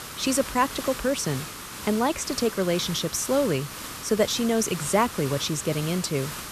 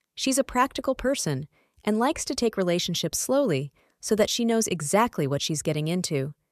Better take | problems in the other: second | hiss; loud; throughout; 9 dB below the speech

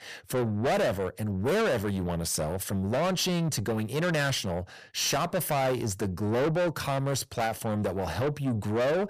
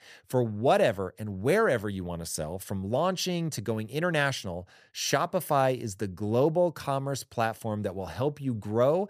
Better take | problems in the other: second | distortion; heavy; 5 dB below the speech

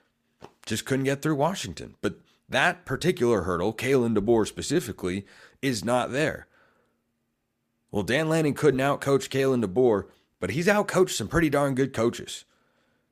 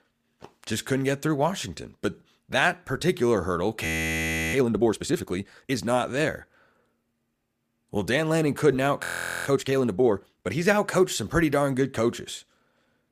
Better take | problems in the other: first | audio freezing; at 4 s for 0.5 s and at 9 s

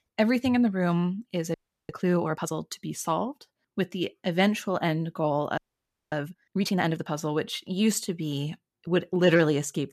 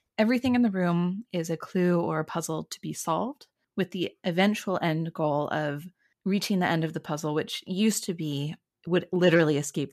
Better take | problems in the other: second | audio freezing; at 1.5 s and at 5.5 s for 0.5 s

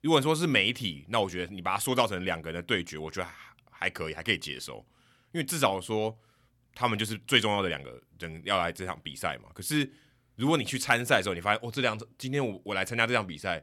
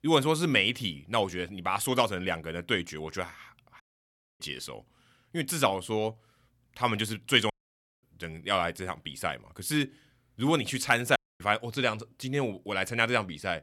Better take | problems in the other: first | audio cutting out; at 4 s for 0.5 s, at 7.5 s for 0.5 s and at 11 s

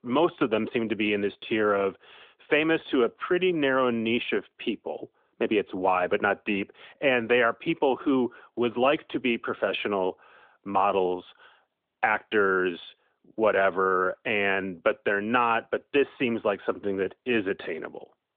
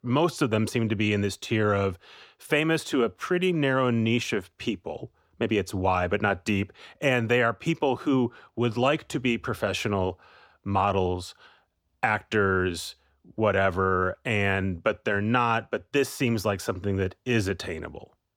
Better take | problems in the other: second | phone-call audio

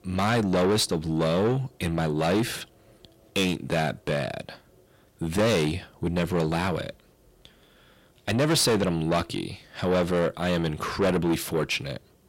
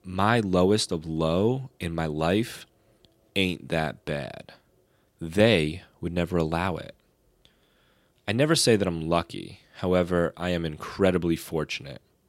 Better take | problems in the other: second | distortion; heavy; 5 dB below the speech

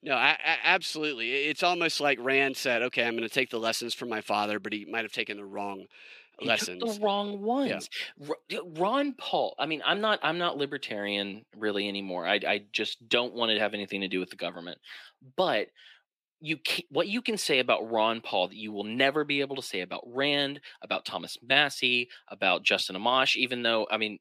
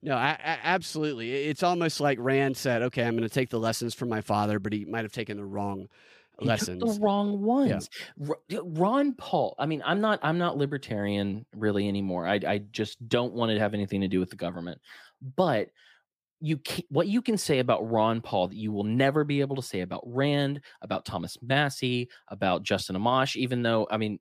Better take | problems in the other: second | thin; very slightly; fading below 300 Hz

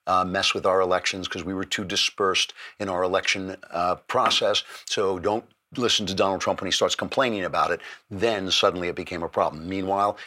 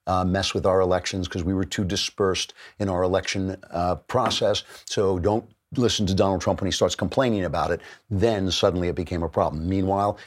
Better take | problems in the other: second | thin; very slightly; fading below 800 Hz

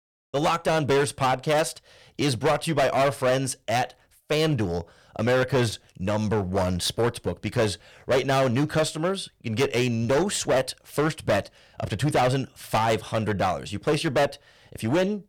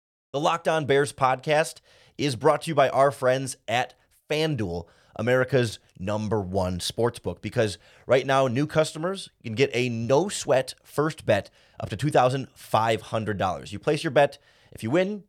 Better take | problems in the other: second | distortion; heavy; 12% of the sound clipped

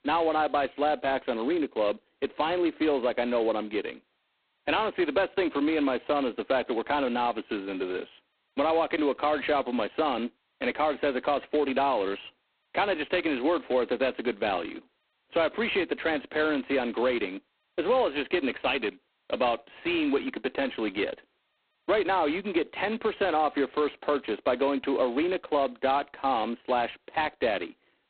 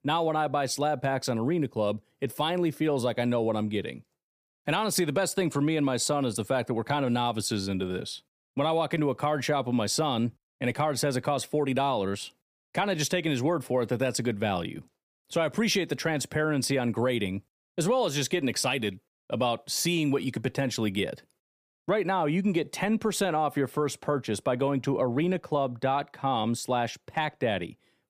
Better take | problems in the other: second | phone-call audio; poor line; nothing above 4 kHz

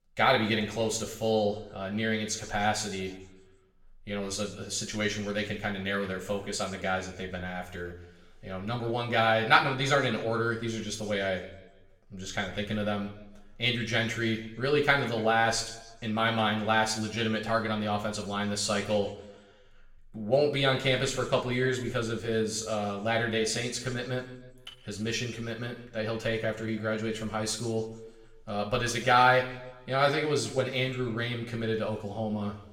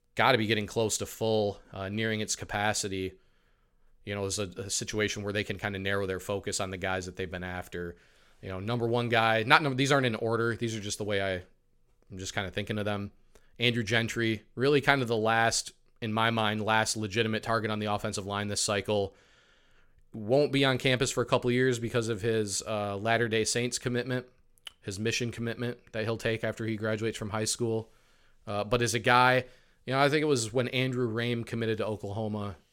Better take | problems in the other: second | room echo; slight; dies away in 0.8 s // off-mic speech; somewhat distant

